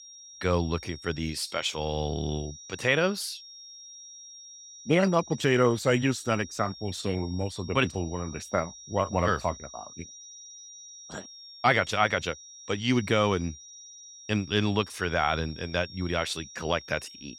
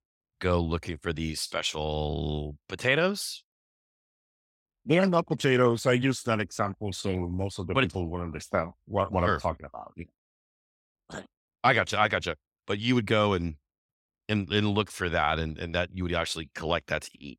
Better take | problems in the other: second | high-pitched whine; noticeable; throughout; 5.5 kHz, 15 dB below the speech

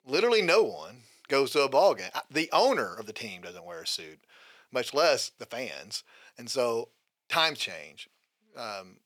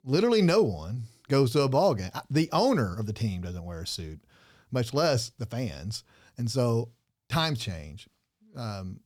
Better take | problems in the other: second | thin; very; fading below 500 Hz

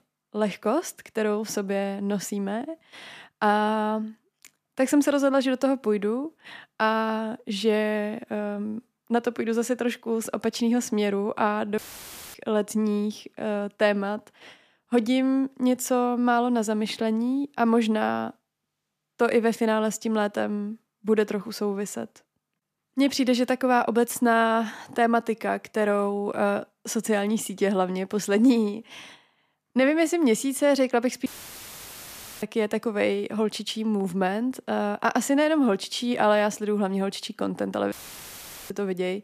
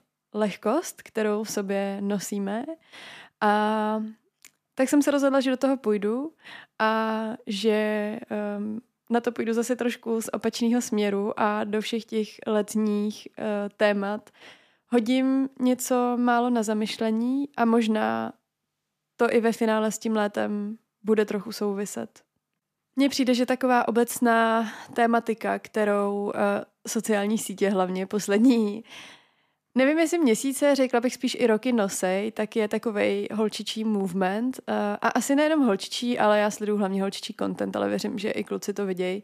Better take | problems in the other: second | audio cutting out; filled with static; at 12 s for 0.5 s, at 31 s for 1 s and at 38 s for 1 s

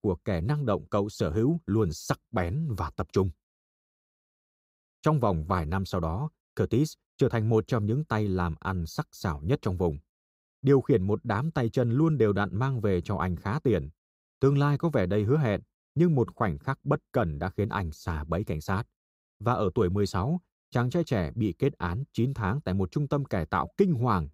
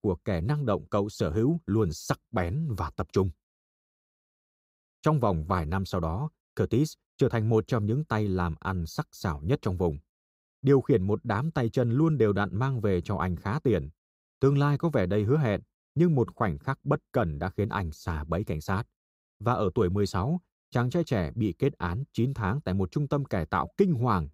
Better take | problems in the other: neither | none

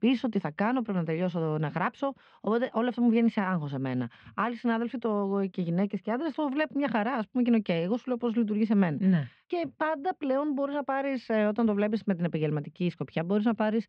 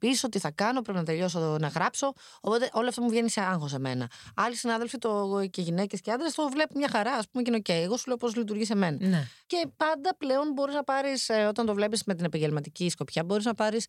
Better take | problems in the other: second | muffled; very; fading above 2.5 kHz

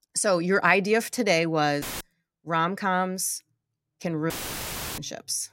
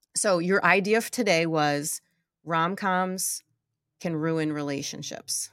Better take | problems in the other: second | audio cutting out; filled with static; at 2 s and at 4.5 s for 0.5 s

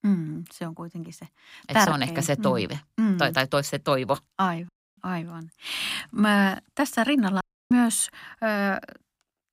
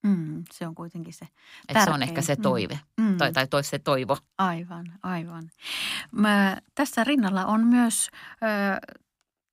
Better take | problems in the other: second | audio cutting out; at 4.5 s and at 7.5 s

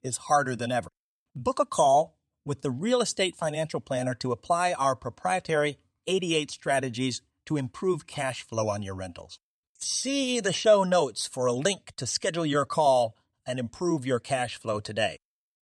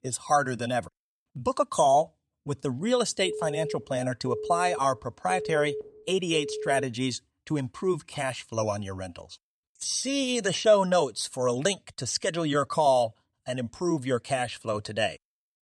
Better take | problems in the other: first | phone ringing; noticeable; from 3 to 7 s; peak 7 dB below the speech

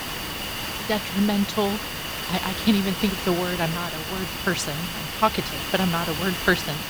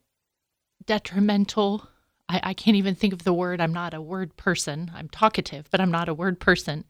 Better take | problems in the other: second | hiss; loud; throughout; 3 dB below the speech

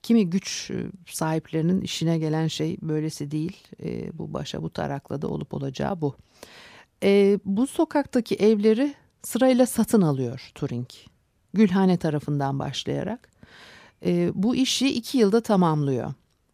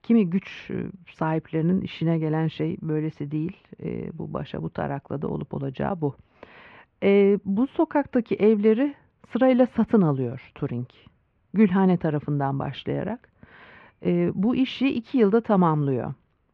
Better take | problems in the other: first | muffled; very; fading above 2.5 kHz

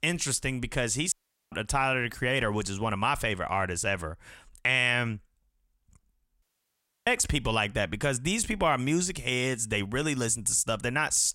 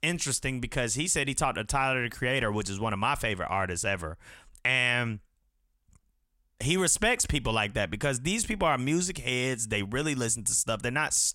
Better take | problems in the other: second | audio cutting out; at 1 s and at 6.5 s for 0.5 s

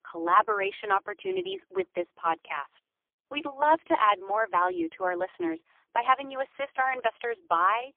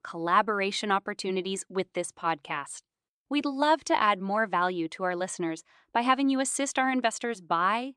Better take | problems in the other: second | phone-call audio; poor line; nothing above 3 kHz

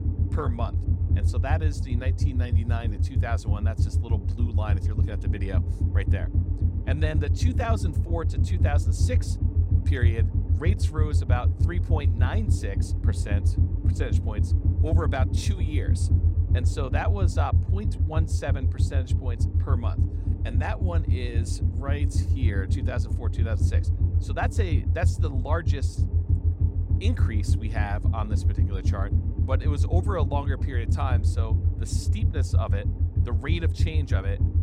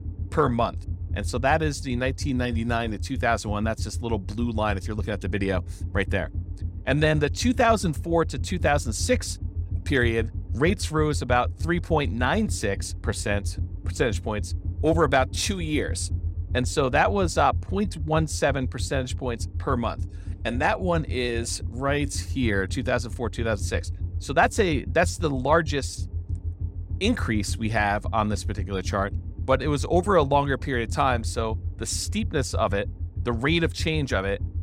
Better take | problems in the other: second | low rumble; loud; throughout; 5 dB below the speech; faint in the second

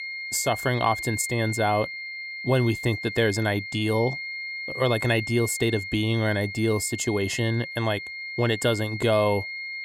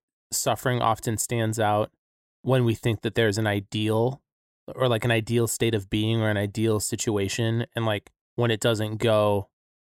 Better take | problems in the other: second | high-pitched whine; loud; throughout; 2 kHz, 7 dB below the speech

